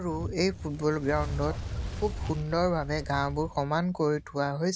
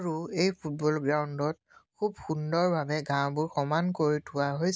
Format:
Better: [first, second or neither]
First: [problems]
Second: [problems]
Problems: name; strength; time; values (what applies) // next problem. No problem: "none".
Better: second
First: background sound (Fire); 8 dB below the speech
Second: none